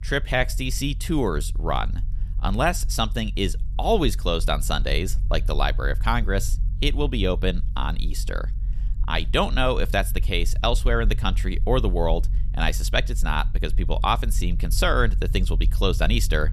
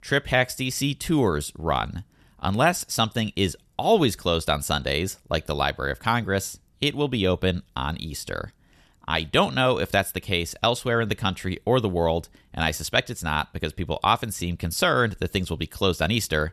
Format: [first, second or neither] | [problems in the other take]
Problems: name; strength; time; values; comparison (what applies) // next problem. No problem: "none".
second | low rumble; faint; throughout; 25 dB below the speech